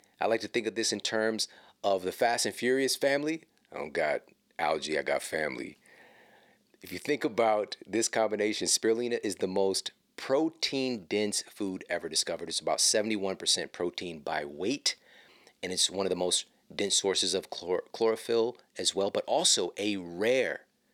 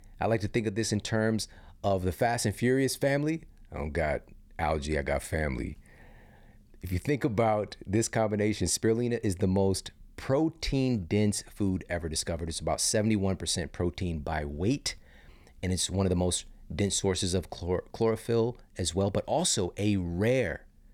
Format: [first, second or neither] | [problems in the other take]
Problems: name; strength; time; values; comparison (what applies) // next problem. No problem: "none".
second | thin; somewhat; fading below 350 Hz